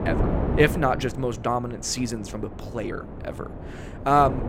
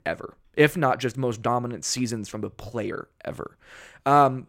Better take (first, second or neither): second